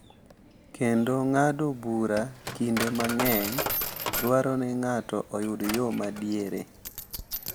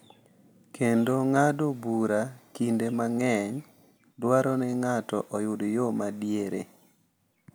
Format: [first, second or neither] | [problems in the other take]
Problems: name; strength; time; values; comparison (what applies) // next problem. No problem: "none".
second | background sound (Coin (dropping)); 8 dB below the speech